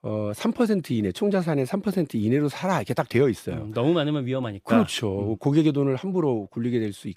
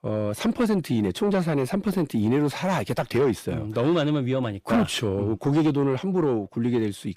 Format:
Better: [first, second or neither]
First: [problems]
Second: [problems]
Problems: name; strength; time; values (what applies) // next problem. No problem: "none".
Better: first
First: none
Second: distortion; slight; 10 dB below the speech